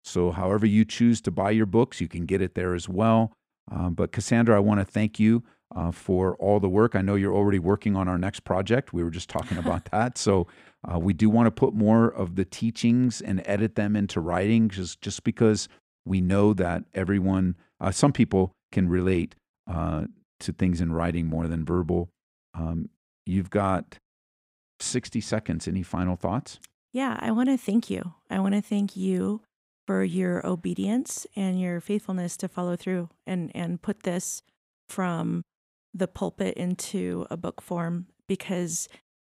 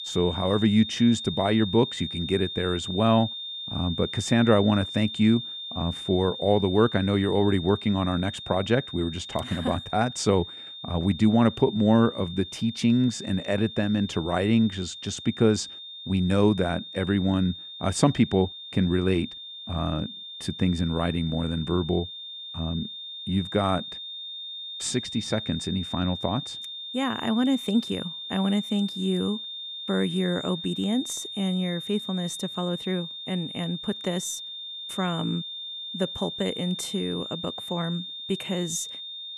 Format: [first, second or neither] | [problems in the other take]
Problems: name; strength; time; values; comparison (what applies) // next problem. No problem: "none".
first | high-pitched whine; loud; throughout; 3.5 kHz, 9 dB below the speech